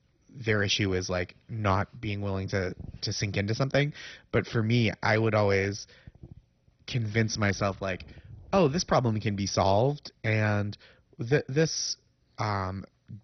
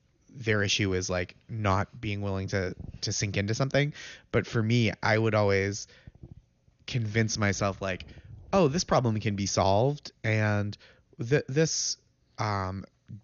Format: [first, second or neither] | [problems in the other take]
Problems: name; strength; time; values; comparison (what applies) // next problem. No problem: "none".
second | garbled, watery; badly; nothing above 6 kHz; slightly in the second